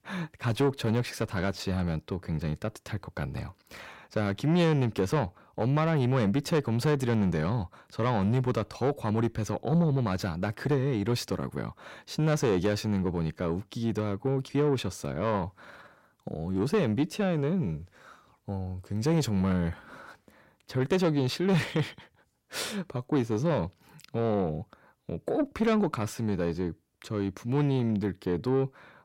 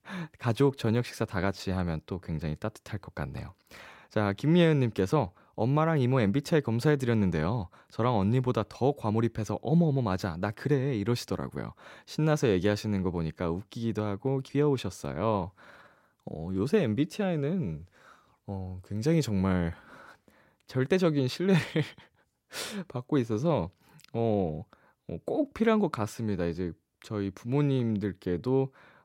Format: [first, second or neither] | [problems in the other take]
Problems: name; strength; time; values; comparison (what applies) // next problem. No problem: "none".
second | distortion; slight; 10 dB below the speech